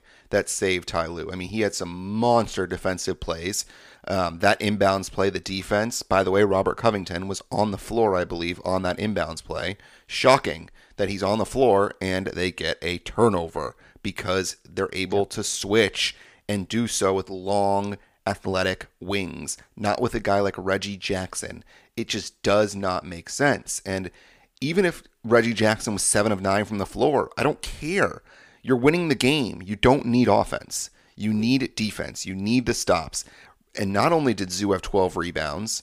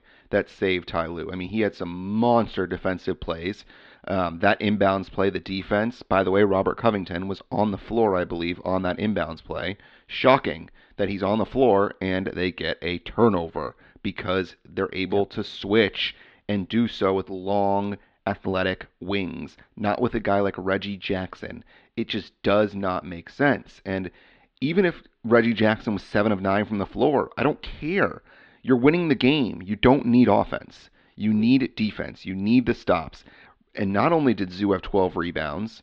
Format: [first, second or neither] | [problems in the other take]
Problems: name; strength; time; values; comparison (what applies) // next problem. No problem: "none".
first | muffled; slightly; fading above 4 kHz